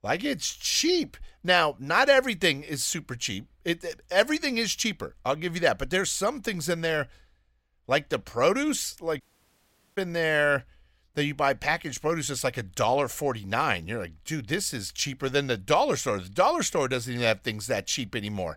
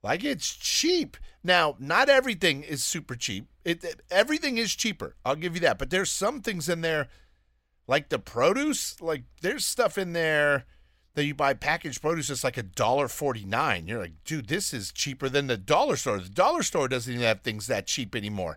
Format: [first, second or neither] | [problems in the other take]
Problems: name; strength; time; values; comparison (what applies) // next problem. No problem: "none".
second | audio cutting out; at 9 s for 1 s